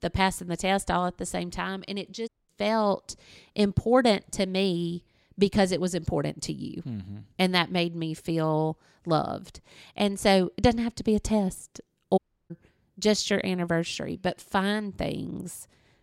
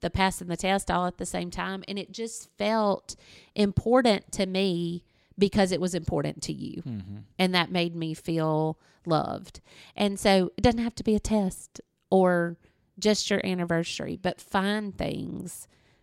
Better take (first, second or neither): second